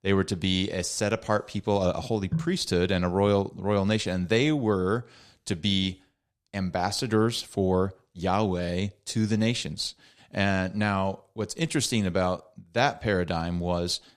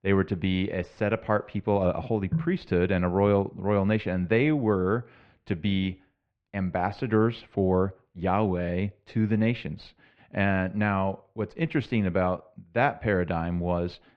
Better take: first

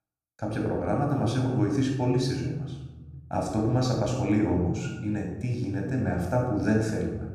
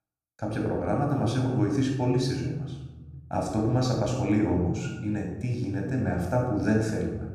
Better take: neither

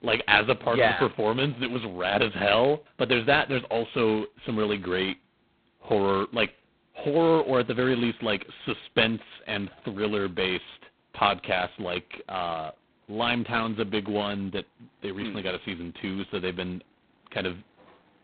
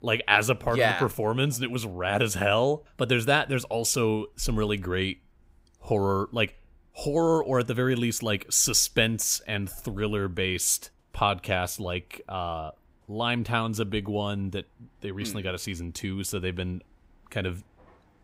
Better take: second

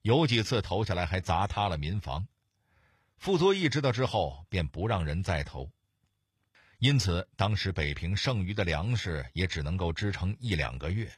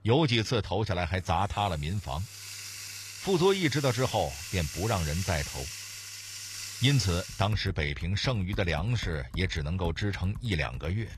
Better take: first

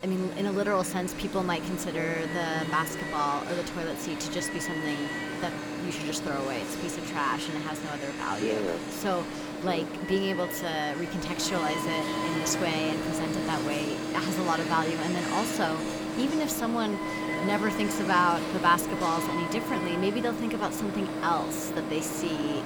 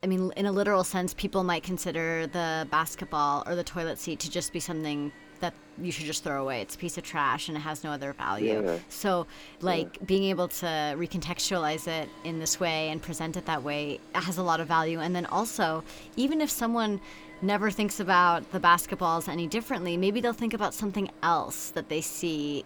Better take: second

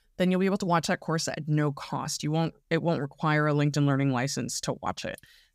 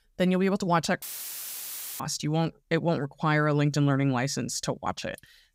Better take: first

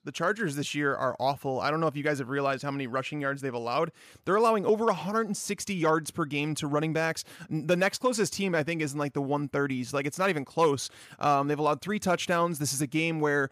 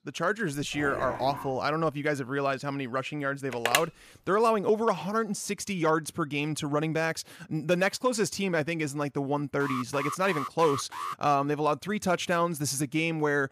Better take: first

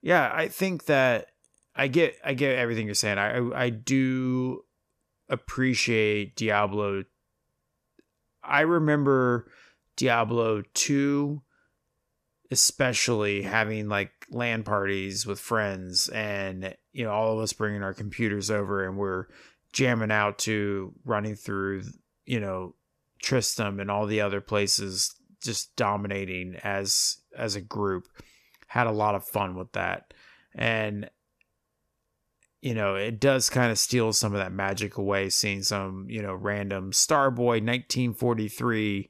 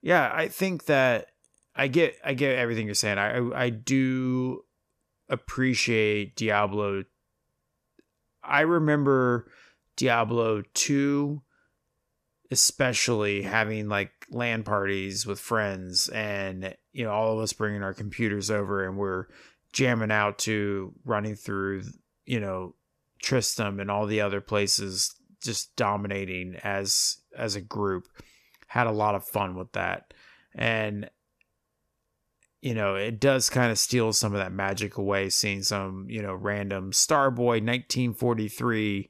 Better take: neither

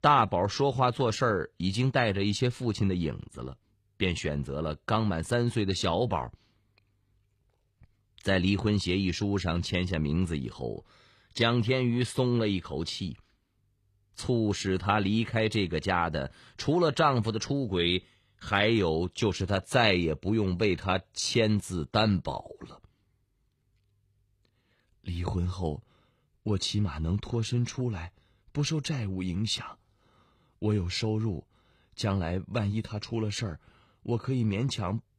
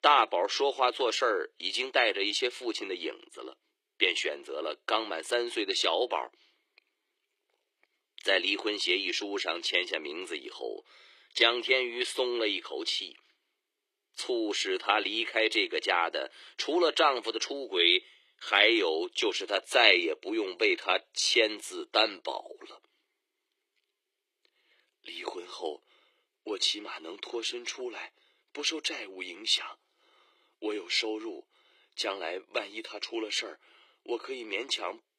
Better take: first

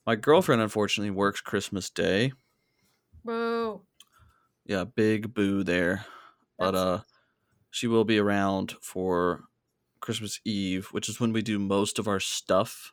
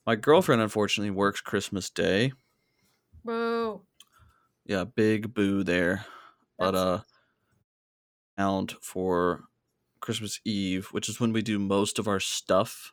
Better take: first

